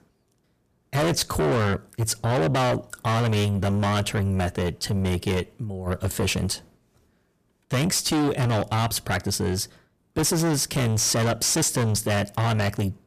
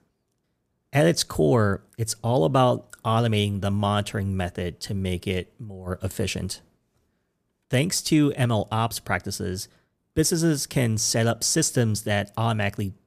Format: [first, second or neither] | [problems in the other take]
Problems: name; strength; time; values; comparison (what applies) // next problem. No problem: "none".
second | distortion; heavy; 6 dB below the speech